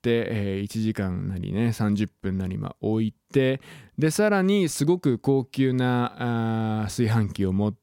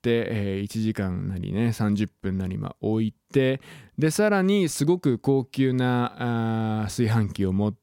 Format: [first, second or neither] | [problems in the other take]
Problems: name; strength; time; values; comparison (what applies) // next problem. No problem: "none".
neither | none